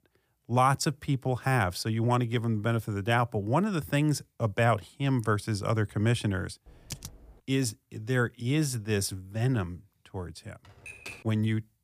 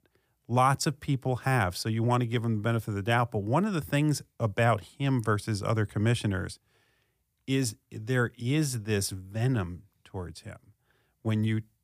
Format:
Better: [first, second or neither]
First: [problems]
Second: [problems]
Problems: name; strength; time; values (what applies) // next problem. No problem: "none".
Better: second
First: keyboard typing; faint; at 6.5 s and at 11 s; peak 15 dB below the speech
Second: none